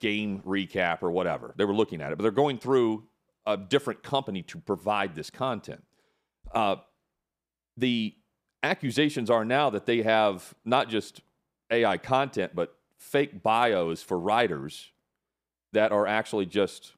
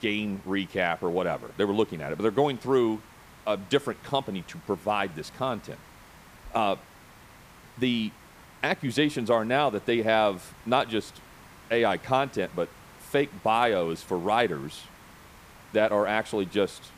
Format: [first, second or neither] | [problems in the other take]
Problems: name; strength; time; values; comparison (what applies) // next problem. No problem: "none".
first | hiss; faint; throughout; 25 dB below the speech